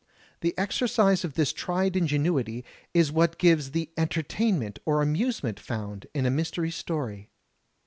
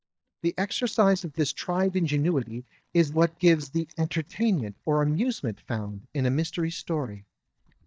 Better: first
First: none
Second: noise reduction (neural mask model DeepFilterNet 3)

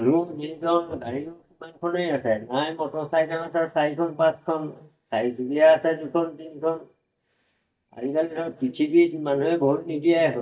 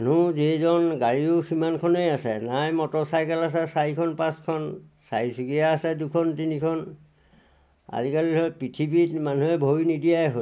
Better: second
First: noise reduction (neural mask model DeepFilterNet 3)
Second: none

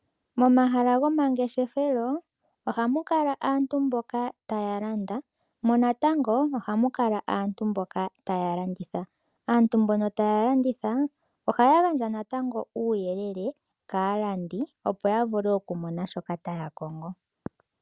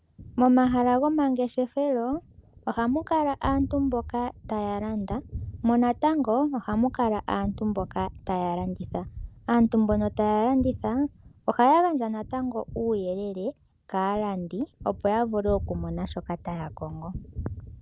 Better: first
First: none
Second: background sound (Gunshot, gunfire); 14 dB below the speech

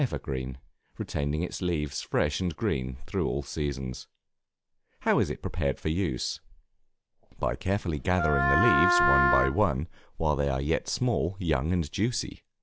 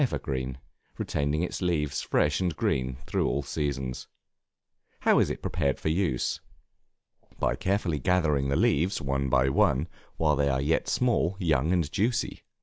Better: second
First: background sound (Wind instrument, woodwind instrument); 3 dB above the speech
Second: none

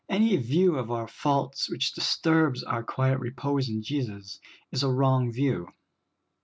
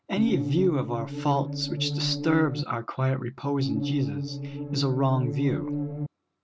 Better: first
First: none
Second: background sound (Musical instrument); 3 dB below the speech

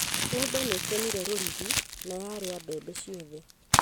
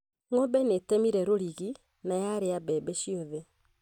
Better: second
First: background sound (Crumpling, crinkling); 4 dB above the speech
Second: none

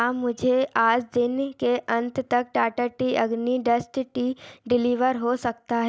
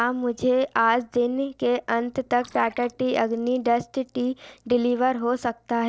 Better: first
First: none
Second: noise reduction (neural separator model SepFormer DNS4)

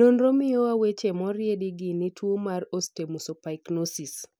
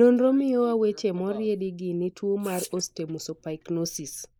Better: first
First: none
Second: noise reduction (neural mask model Resemble Enhance denoiser)

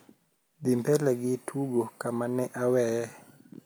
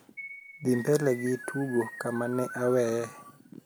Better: first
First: none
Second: background sound (Keyboard (musical)); 14 dB below the speech

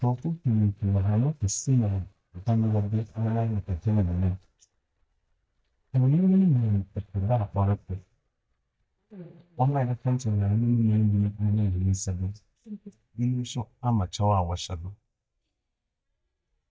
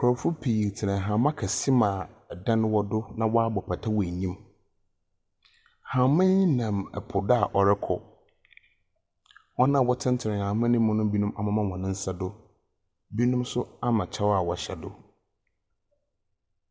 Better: second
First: noise reduction (neural mask model DeepFilterNet 3)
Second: none

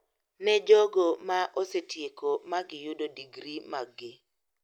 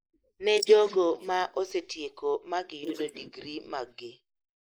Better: first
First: none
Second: noise reduction (neural mask model Resemble Enhance denoiser)

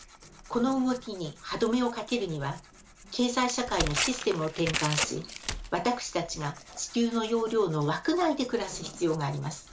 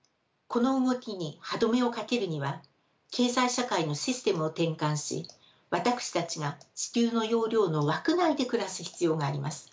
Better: second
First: background sound (Tearing); 9 dB below the speech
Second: none

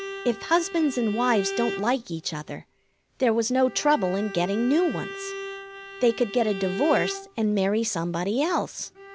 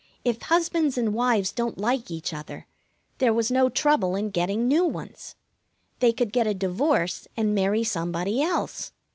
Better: second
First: background sound (Bowed string instrument); 11 dB below the speech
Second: none

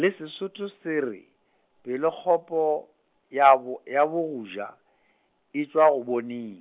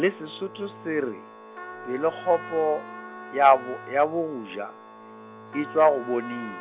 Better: first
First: none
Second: background sound (Trumpet + Organ); 15 dB below the speech

